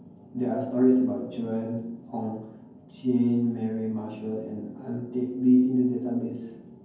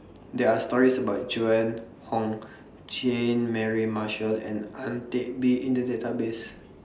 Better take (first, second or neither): second